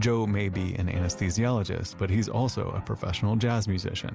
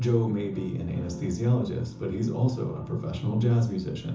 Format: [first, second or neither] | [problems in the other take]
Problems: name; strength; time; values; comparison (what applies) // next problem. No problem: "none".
first | room echo; dies away in 0.6 s